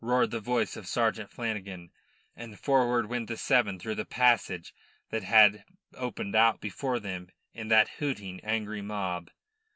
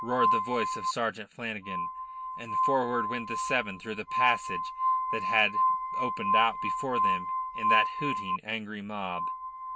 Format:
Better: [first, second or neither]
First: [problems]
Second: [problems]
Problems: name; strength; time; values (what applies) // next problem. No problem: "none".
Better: first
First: none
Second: background sound (Glass); 2 dB above the speech